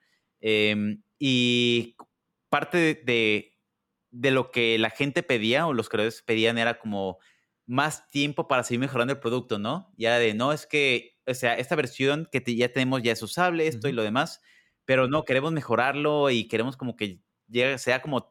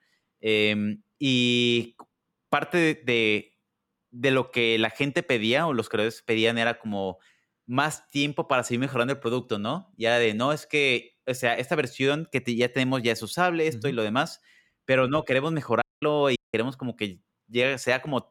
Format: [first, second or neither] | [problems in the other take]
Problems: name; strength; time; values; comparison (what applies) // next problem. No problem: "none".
first | audio cutting out; at 16 s